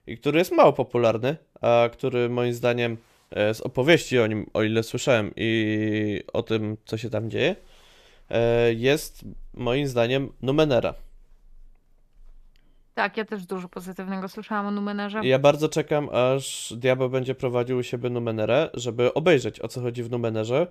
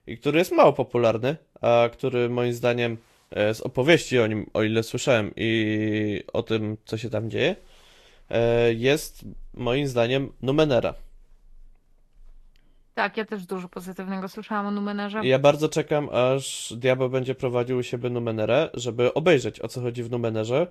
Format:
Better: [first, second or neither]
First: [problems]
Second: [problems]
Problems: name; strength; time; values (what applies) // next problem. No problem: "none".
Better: first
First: none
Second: garbled, watery; slightly; nothing above 13 kHz